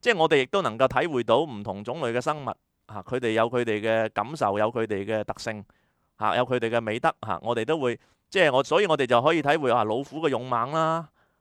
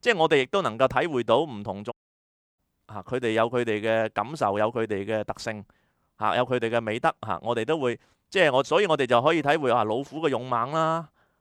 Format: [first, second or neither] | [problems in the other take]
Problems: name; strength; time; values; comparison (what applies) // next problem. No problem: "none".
first | audio cutting out; at 2 s for 0.5 s